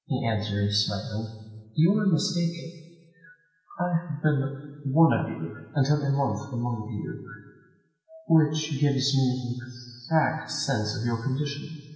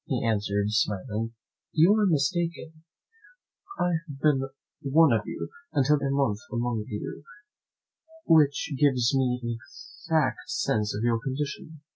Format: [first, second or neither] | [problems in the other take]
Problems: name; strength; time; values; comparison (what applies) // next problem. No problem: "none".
second | room echo; dies away in 1.4 s